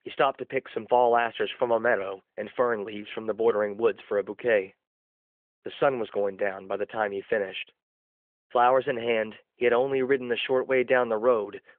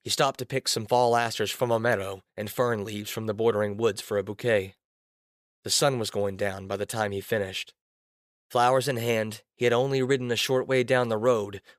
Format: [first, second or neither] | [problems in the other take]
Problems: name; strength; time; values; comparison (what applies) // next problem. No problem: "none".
second | phone-call audio; nothing above 3.5 kHz